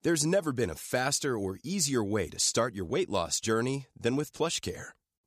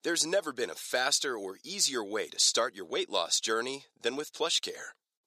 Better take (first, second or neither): first